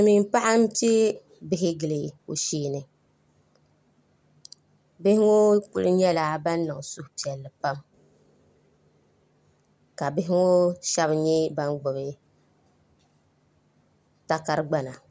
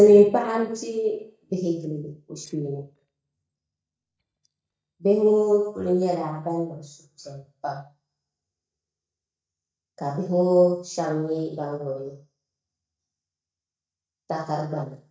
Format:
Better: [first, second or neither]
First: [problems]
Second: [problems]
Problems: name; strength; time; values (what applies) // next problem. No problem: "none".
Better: first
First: none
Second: noise reduction (neural mask model DeepFilterNet 3)